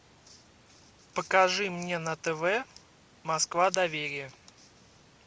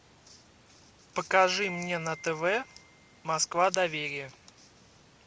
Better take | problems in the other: first | background sound (Glockenspiel); 17 dB below the speech

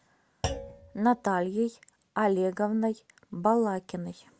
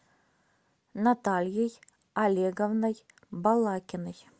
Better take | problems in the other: second | background sound (Thump, thud); 12 dB below the speech

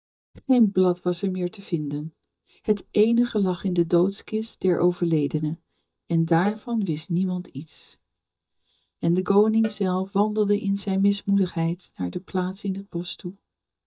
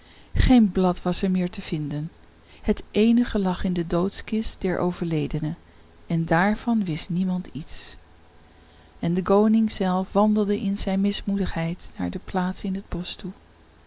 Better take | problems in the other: second | noise reduction (neural mask model DeepFilterNet 3)

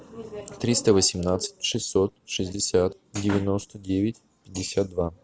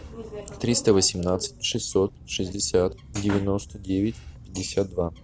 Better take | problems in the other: first | background sound (Bird); 18 dB below the speech

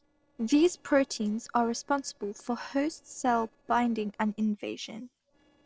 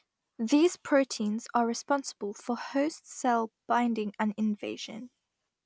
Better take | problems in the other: second | noise reduction (neural separator model SepFormer DNS4)

